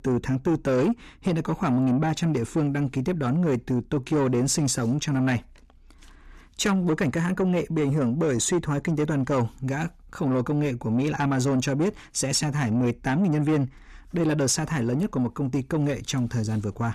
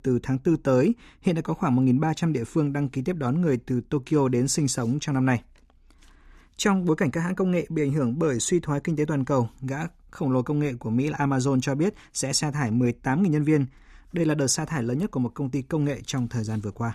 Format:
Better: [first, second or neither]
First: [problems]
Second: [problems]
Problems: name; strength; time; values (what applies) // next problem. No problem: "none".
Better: second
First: distortion; slight; 10 dB below the speech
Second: none